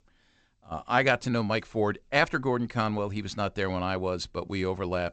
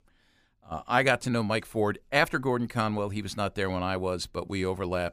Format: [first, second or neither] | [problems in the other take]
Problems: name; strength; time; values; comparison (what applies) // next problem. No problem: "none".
second | garbled, watery; slightly; nothing above 8 kHz